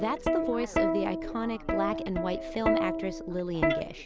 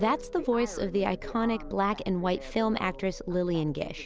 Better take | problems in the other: second | background sound (Plucked string instrument); 2 dB above the speech

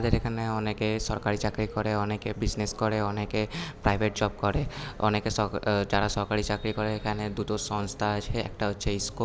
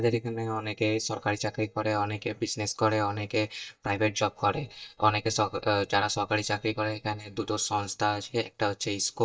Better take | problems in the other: first | noise reduction (neural mask model DeepFilterNet 3)

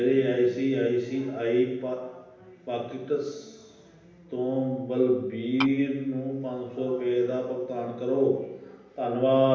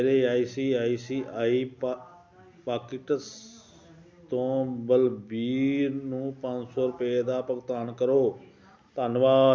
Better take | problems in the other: second | background sound (Tap / Glass); 7 dB below the speech // room echo; dies away in 0.9 s

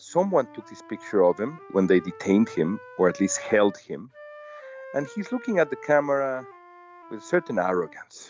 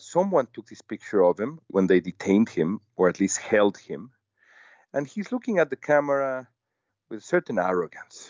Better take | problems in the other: second | background sound (Wind instrument, woodwind instrument); 19 dB below the speech

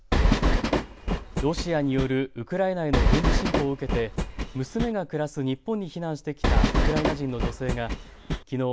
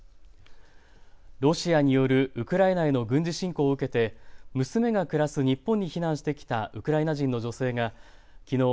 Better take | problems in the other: second | background sound (Train); 5 dB above the speech

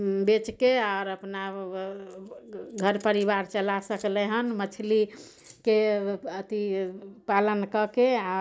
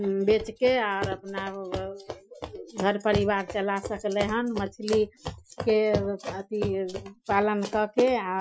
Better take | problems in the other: first | noise reduction (classical method Wiener filter)

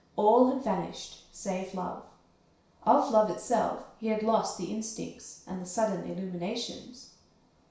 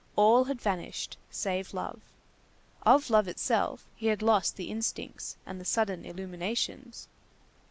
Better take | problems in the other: second | room echo; dies away in 0.6 s

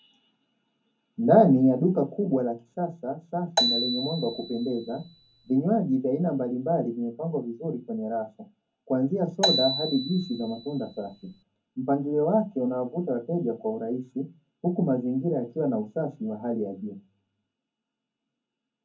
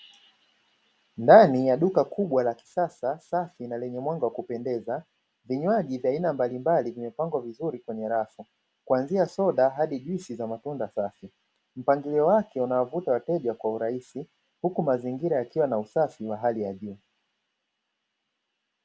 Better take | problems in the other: second | background sound (Marimba, xylophone); 3 dB below the speech // room echo; dies away in 0.3 s

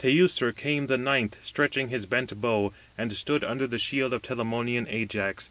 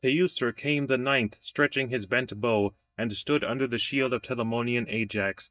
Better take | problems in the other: first | noise reduction (neural mask model DeepFilterNet 3)

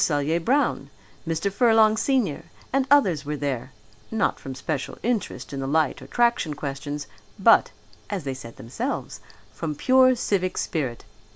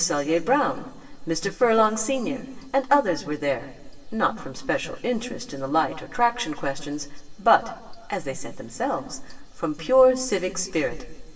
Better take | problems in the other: first | room echo; dies away in 1.3 s

